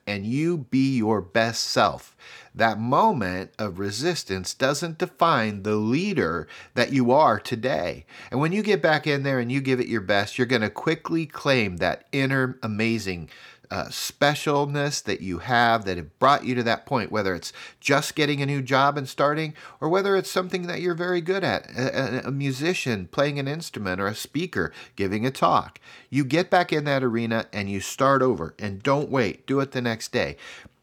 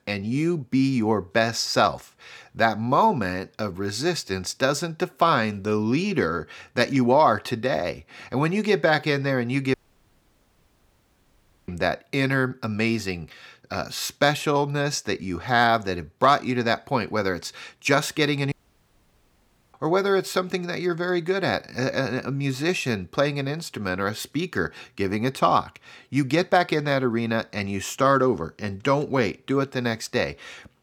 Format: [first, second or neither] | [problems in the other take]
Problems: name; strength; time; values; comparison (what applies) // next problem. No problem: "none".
first | audio cutting out; at 9.5 s for 2 s and at 19 s for 1 s